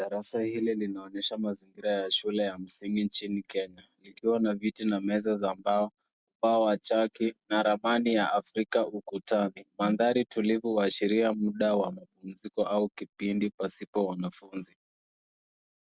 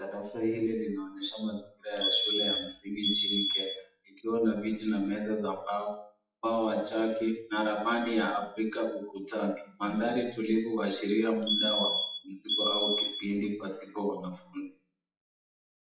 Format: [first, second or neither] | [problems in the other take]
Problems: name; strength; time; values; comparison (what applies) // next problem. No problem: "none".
first | noise reduction (classical method WPE with log-MMSE)